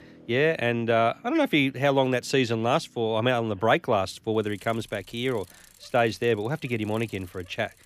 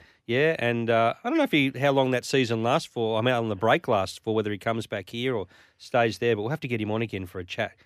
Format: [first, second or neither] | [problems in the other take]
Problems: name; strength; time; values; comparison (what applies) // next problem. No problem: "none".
second | traffic noise; faint; throughout; 30 dB below the speech